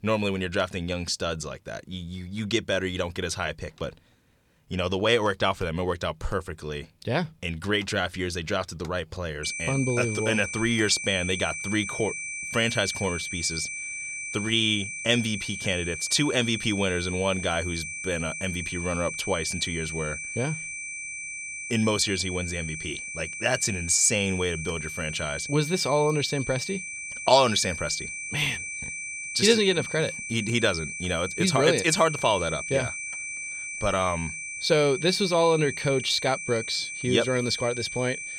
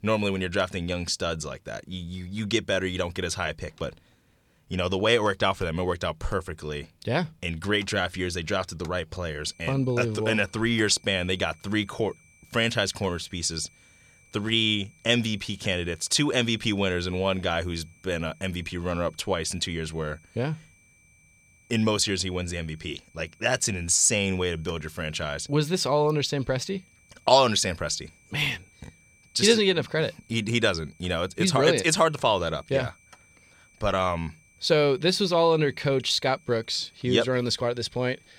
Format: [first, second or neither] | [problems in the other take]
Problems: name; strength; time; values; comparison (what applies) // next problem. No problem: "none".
second | high-pitched whine; loud; from 9.5 s on; 2.5 kHz, 6 dB below the speech; faint in the second